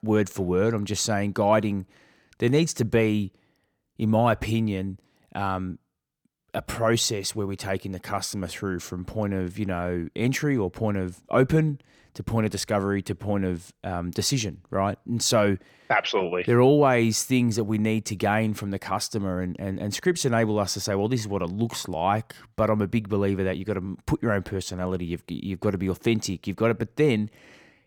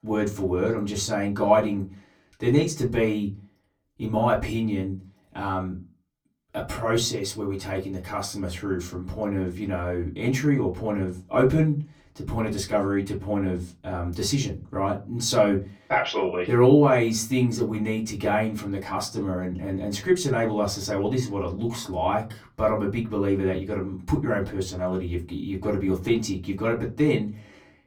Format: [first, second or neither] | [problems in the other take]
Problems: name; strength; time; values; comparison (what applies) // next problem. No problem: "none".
first | off-mic speech; far // room echo; very slight; dies away in 0.2 s